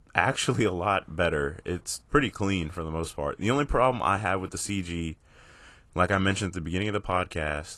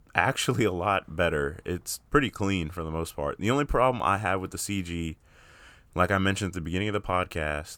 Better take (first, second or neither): second